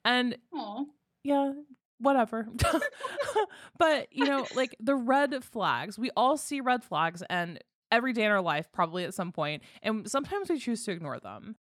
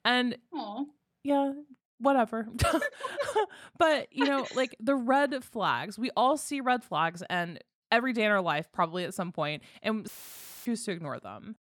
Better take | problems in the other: first | audio cutting out; filled with static; at 10 s for 0.5 s

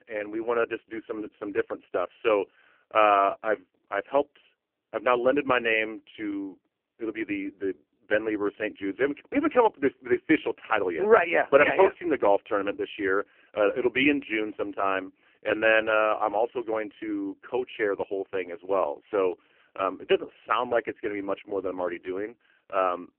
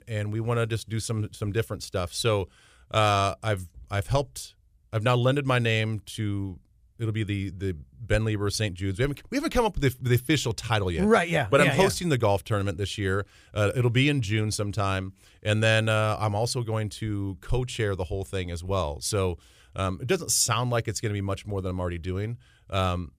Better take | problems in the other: second | phone-call audio; poor line; nothing above 3 kHz

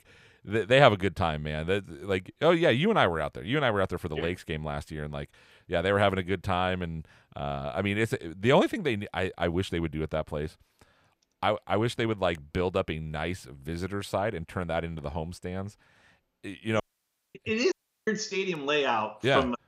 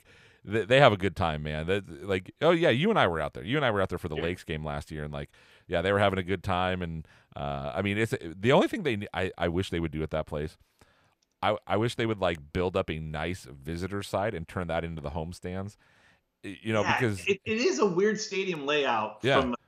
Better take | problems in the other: second | audio cutting out; at 17 s for 0.5 s and at 18 s

